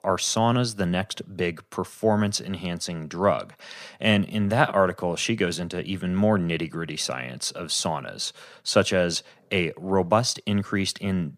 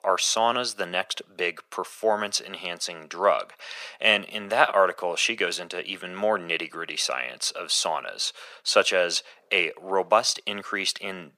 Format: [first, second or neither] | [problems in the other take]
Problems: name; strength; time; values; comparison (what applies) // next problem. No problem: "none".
first | thin; very; fading below 550 Hz